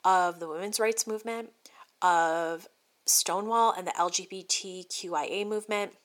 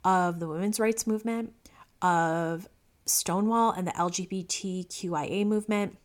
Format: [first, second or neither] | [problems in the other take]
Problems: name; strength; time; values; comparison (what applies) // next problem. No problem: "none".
second | thin; somewhat; fading below 500 Hz